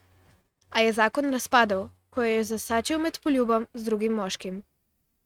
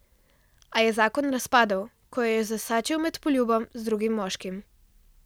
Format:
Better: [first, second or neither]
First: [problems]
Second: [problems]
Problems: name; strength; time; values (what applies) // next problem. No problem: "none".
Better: second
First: noise reduction (neural mask model RNNoise)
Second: none